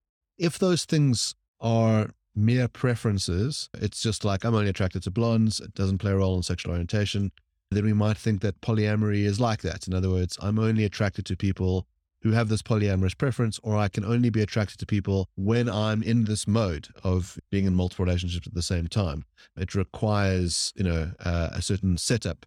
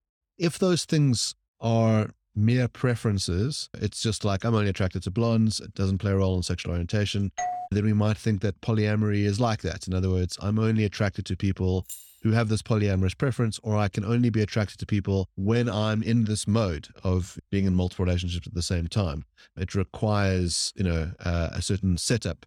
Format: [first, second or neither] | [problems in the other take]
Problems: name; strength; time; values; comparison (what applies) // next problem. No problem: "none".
first | doorbell; noticeable; at 7.5 s; peak 5 dB below the speech // jangling keys; faint; at 12 s; peak 15 dB below the speech